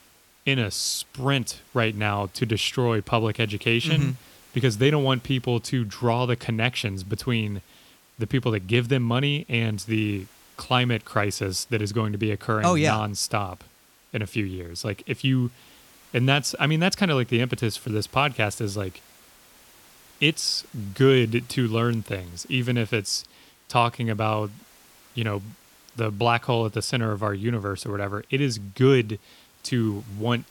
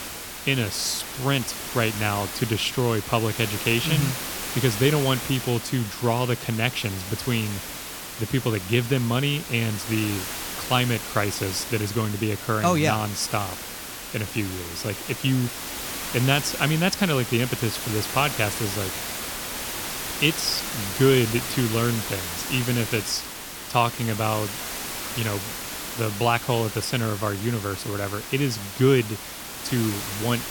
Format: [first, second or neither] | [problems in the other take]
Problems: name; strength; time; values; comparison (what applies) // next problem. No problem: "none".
first | hiss; loud; throughout; 6 dB below the speech; faint in the first